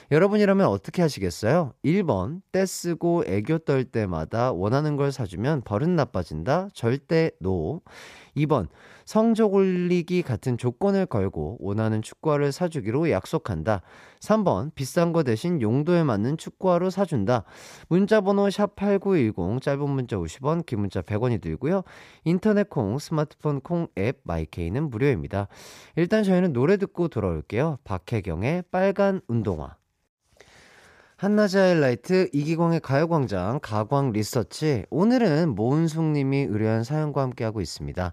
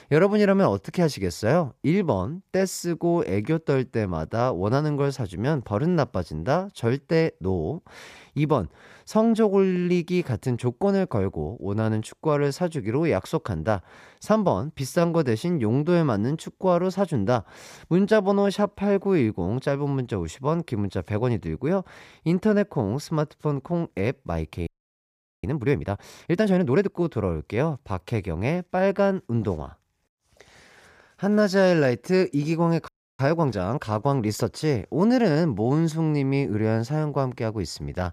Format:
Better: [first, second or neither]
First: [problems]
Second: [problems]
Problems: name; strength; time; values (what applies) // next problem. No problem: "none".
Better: first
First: none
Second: audio freezing; at 25 s for 1 s and at 33 s